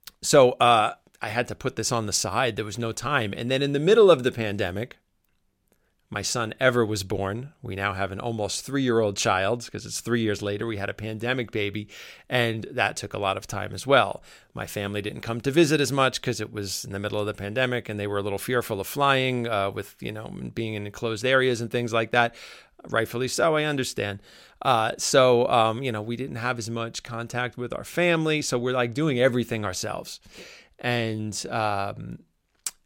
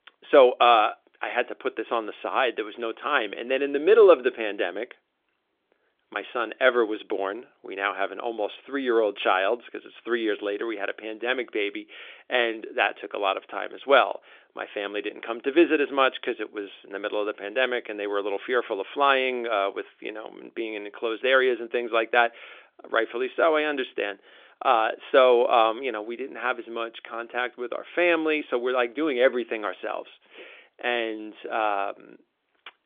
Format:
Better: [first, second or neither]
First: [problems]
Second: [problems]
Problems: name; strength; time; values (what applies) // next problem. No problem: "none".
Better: first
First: none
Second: phone-call audio; nothing above 3.5 kHz